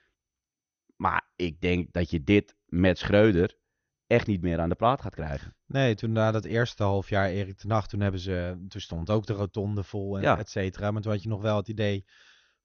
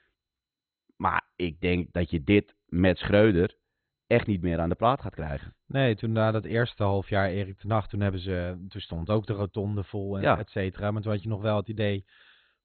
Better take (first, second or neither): first